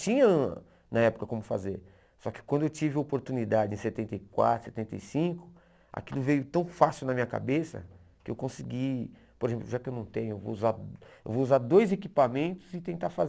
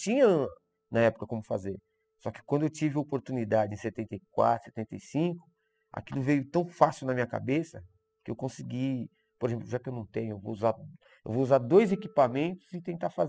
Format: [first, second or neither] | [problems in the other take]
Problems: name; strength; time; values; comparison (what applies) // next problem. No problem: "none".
first | noise reduction (classical method spectral subtraction)